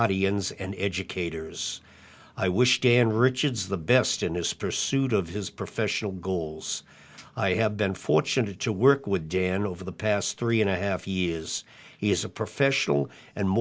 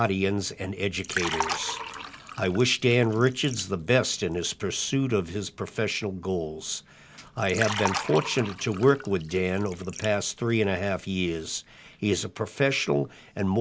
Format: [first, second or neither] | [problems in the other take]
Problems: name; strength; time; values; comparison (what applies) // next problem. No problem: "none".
first | background sound (Liquid); 12 dB below the speech